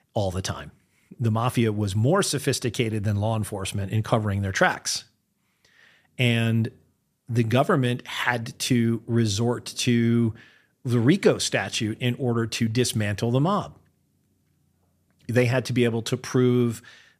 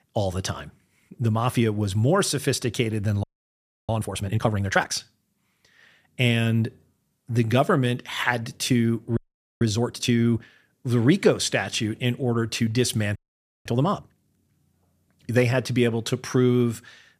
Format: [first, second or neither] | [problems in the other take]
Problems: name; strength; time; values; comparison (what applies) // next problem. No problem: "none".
first | audio freezing; at 3 s for 0.5 s, at 9 s and at 13 s